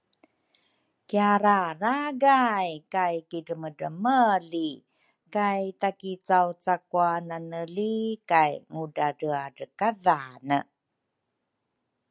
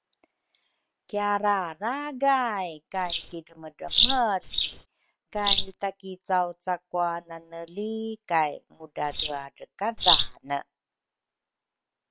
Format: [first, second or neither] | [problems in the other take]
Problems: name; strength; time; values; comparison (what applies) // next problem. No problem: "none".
first | noise reduction (neural separator model SepFormer WHAM!)